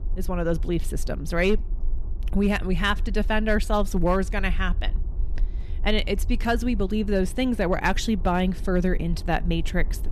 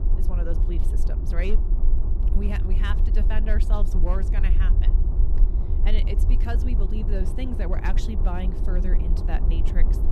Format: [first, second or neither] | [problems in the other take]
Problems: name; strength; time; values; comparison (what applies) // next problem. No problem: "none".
first | low rumble; loud; throughout; 5 dB below the speech; faint in the first